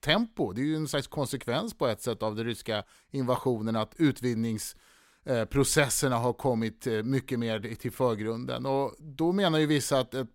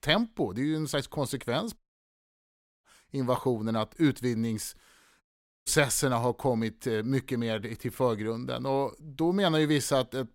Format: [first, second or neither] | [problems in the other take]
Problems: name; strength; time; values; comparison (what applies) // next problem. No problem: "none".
first | audio cutting out; at 2 s for 1 s and at 5 s